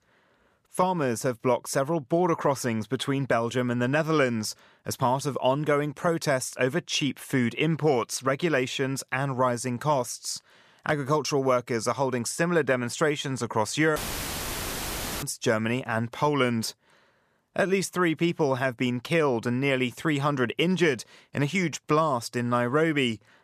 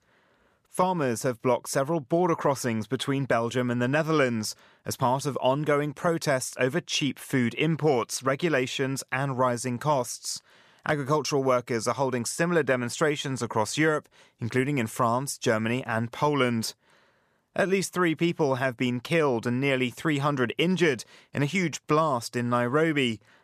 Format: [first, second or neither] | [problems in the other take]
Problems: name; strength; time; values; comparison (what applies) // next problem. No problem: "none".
second | audio cutting out; filled with static; at 14 s for 1.5 s